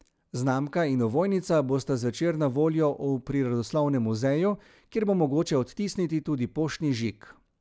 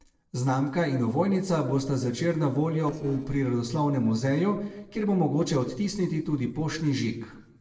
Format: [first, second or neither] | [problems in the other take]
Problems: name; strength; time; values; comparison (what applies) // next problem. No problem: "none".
first | noise reduction (neural separator model SepFormer DNS4)